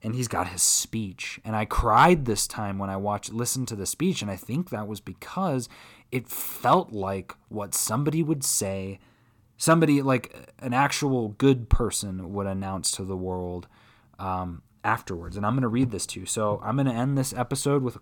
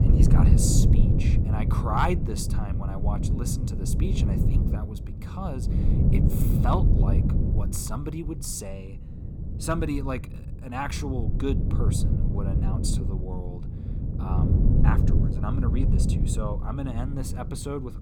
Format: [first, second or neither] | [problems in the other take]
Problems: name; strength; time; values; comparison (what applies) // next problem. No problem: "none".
first | wind noise on the microphone; heavy; 2 dB below the speech